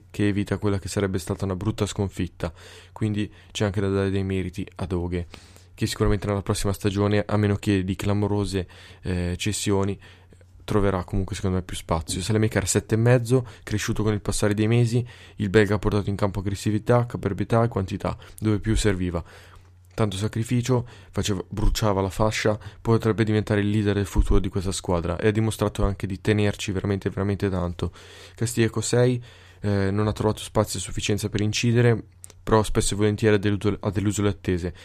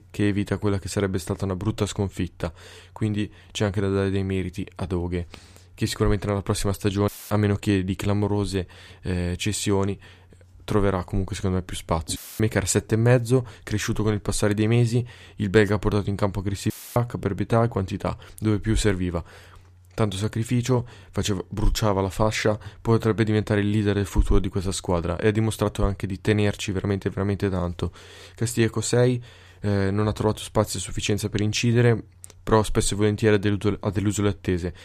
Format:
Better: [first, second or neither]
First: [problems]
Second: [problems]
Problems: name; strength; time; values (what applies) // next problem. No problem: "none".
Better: first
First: none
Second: audio cutting out; filled with static; at 7 s, at 12 s and at 17 s